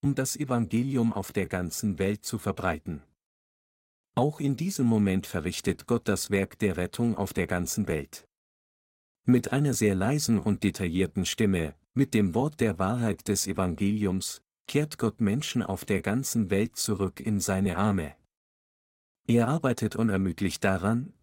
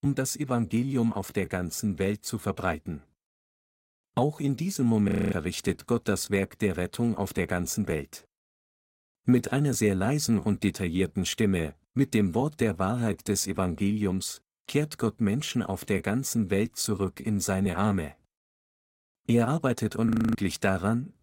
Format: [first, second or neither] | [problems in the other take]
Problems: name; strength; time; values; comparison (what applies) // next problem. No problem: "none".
first | audio freezing; at 5 s and at 20 s